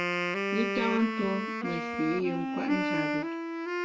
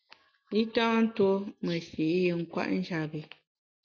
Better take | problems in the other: second | background sound (Wind instrument, woodwind instrument); 1 dB above the speech // room echo; dies away in 0.1 s

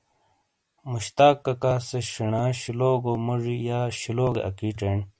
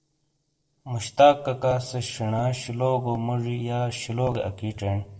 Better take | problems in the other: first | noise reduction (neural separator model SepFormer DNS4)

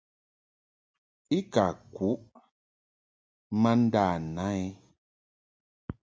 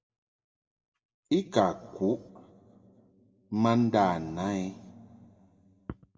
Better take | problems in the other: first | room echo; dies away in 1.3 s

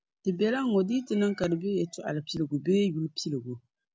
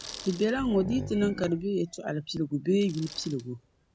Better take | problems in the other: first | background sound (Growling + Bicycle); 14 dB below the speech

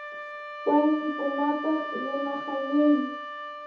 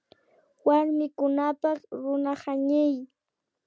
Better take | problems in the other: second | background sound (Wind instrument, woodwind instrument); 9 dB below the speech // room echo; dies away in 0.5 s

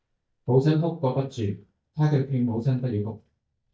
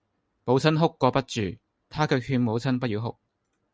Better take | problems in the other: second | noise reduction (neural mask model DeepFilterNet 3)

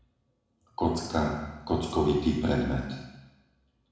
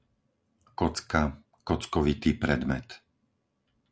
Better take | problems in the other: second | room echo; dies away in 1 s

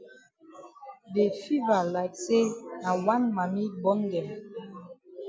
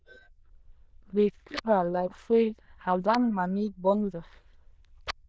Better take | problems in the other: first | noise reduction (neural diffusion model UNIVERSE++)

